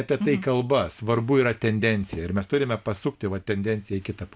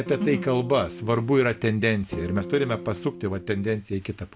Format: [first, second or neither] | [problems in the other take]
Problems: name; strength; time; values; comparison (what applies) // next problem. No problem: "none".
first | background sound (Electric guitar / Strum); 13 dB below the speech